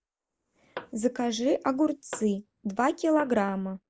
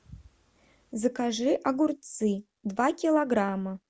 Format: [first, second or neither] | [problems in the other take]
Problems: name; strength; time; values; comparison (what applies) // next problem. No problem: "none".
second | noise reduction (neural mask model Resemble Enhance denoiser)